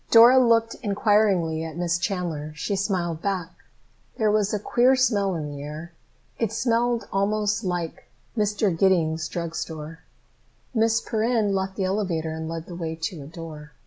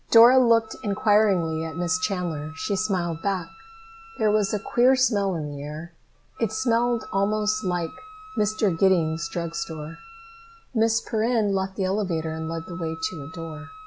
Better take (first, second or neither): first